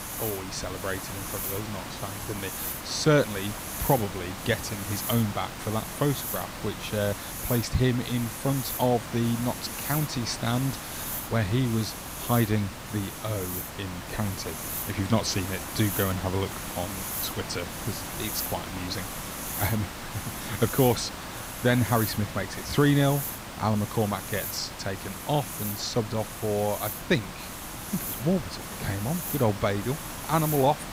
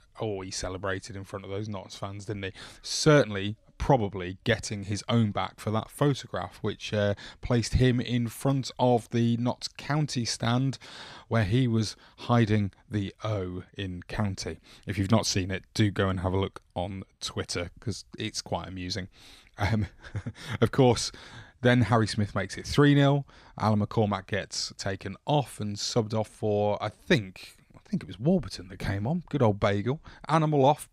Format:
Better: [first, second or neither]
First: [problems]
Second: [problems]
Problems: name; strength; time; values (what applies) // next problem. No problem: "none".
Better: second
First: hiss; loud; throughout; 5 dB below the speech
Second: none